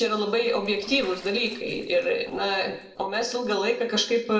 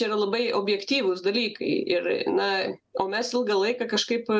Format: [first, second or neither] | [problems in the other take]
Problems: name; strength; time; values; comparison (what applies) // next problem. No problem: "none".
second | noise reduction (neural separator model SepFormer DNS4)